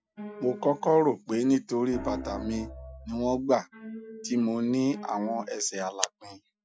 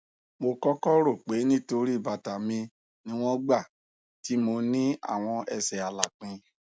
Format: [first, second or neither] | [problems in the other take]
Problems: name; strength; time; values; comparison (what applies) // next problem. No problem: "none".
second | noise reduction (classical method Wiener filter)